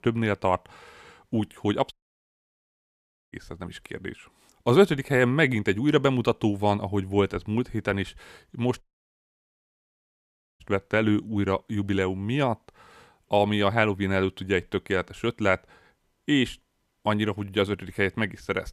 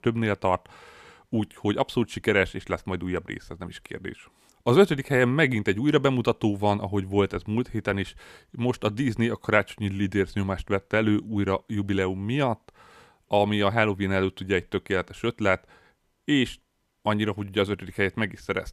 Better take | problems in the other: second | audio cutting out; at 2 s for 1.5 s and at 9 s for 2 s

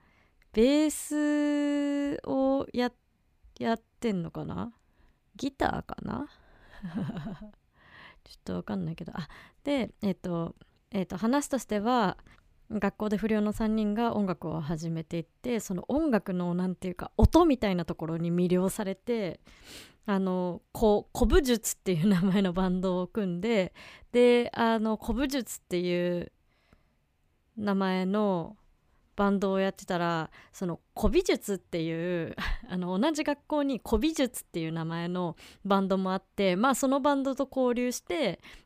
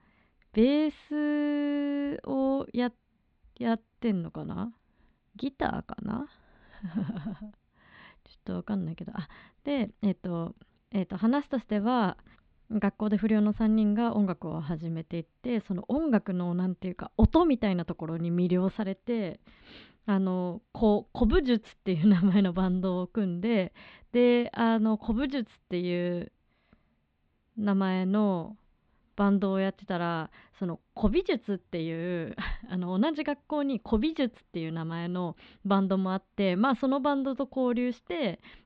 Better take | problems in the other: first | muffled; slightly; fading above 4 kHz

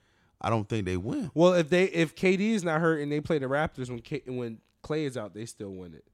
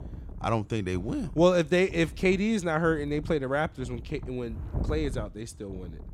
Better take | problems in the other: first | wind noise on the microphone; occasional gusts; 20 dB below the speech

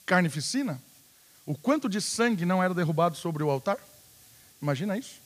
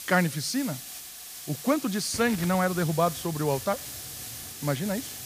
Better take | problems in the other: first | hiss; loud; throughout; 9 dB below the speech; faint in the first

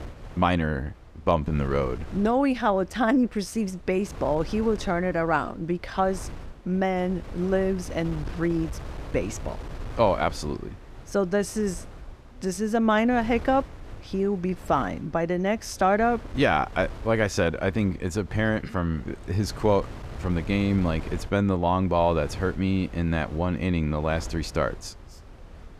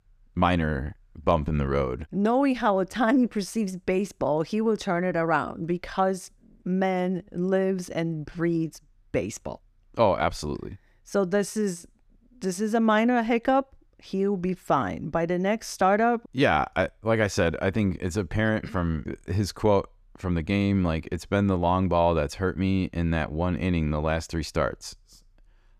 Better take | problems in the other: second | wind noise on the microphone; occasional gusts; 20 dB below the speech

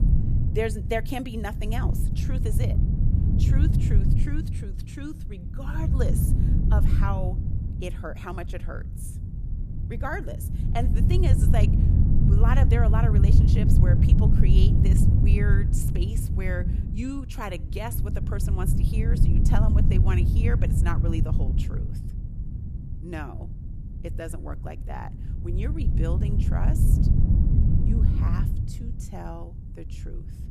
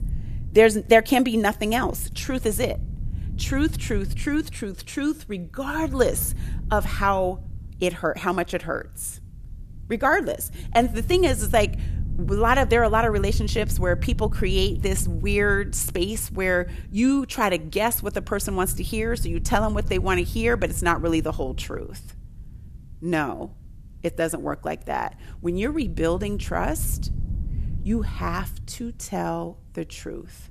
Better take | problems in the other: second | wind noise on the microphone; heavy; 1 dB below the speech; occasional gusts in the second

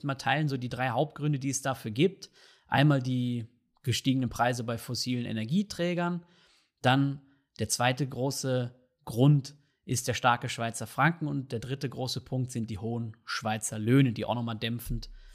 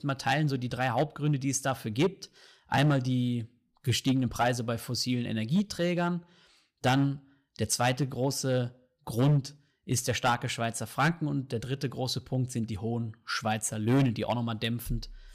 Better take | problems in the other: first | distortion; slight; 4% of the sound clipped

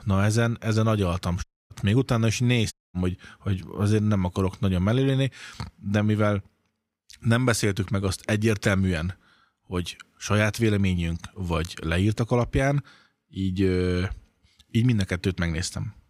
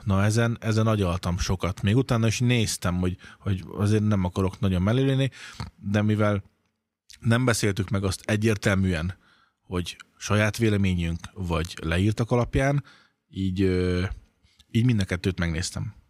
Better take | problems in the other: second | audio cutting out; at 1.5 s and at 2.5 s

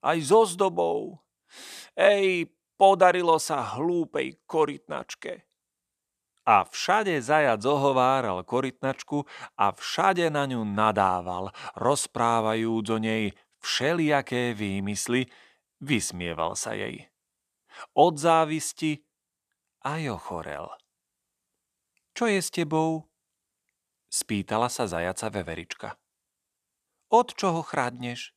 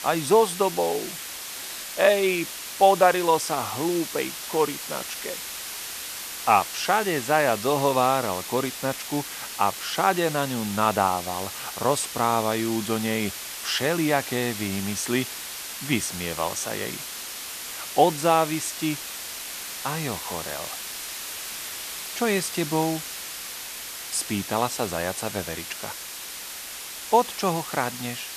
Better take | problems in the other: first | hiss; loud; throughout; 8 dB below the speech

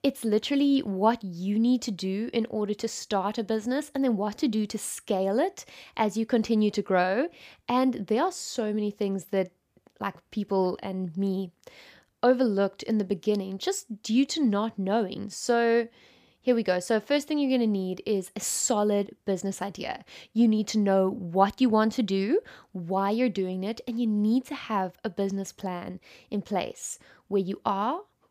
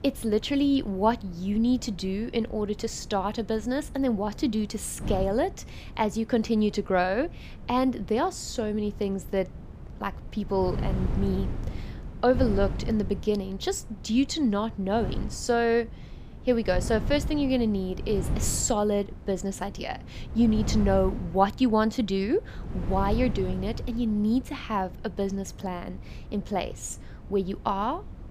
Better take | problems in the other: first | wind noise on the microphone; occasional gusts; 15 dB below the speech

